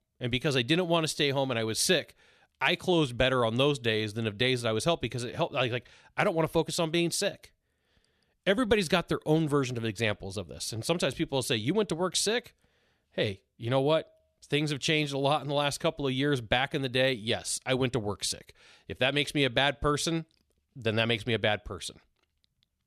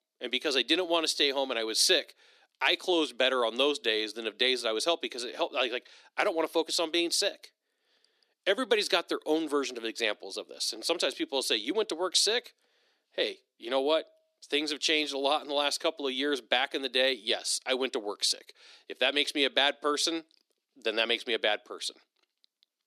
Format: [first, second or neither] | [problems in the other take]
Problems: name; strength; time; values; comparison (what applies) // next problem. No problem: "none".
first | thin; somewhat; fading below 300 Hz